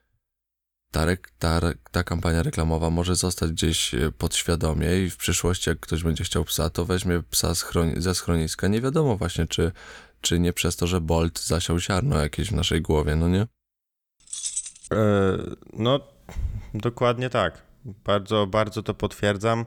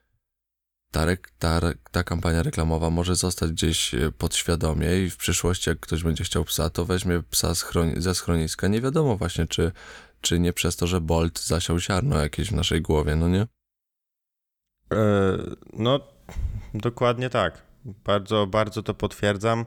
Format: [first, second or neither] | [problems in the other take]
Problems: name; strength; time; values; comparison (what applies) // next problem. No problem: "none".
second | jangling keys; noticeable; at 14 s; peak 4 dB below the speech